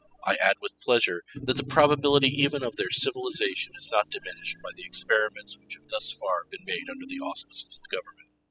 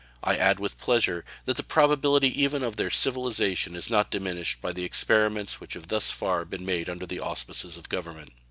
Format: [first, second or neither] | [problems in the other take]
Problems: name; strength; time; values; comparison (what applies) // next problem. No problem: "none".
second | noise reduction (classical method spectral subtraction)